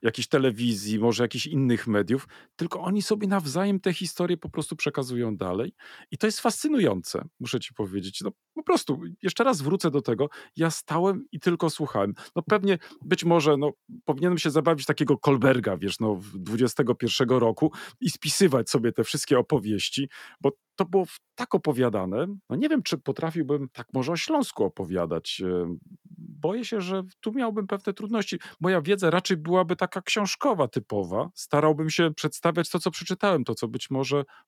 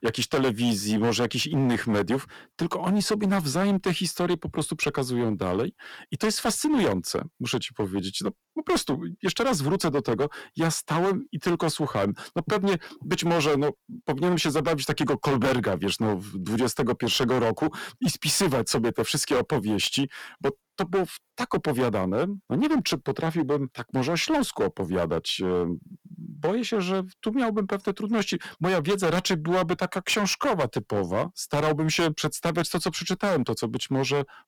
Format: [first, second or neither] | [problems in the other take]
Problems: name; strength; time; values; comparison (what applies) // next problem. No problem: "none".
first | distortion; heavy; 13% of the sound clipped